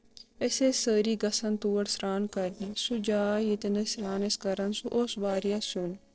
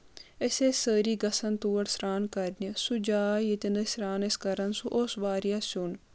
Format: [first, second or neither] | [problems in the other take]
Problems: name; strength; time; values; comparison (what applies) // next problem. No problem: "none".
second | noise reduction (neural separator model SepFormer DNS4)